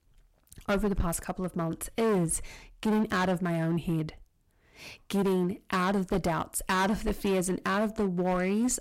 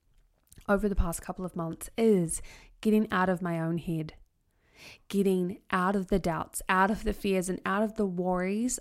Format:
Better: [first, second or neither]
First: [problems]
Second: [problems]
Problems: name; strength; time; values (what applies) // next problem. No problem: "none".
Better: second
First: distortion; heavy; 12% of the sound clipped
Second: none